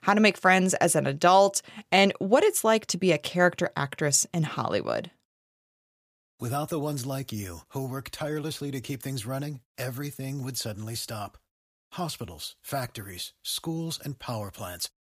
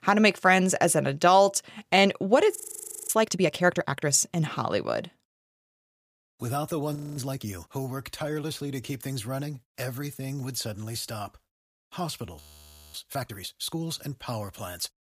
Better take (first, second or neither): first